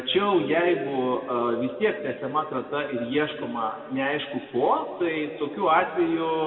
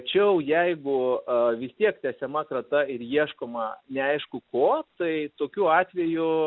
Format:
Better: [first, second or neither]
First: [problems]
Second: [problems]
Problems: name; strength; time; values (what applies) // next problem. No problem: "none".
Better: second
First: room echo; dies away in 2.2 s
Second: none